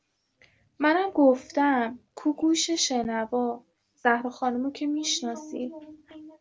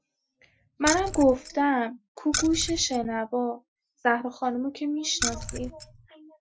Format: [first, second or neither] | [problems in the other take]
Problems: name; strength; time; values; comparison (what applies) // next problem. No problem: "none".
first | noise reduction (classical method Wiener filter)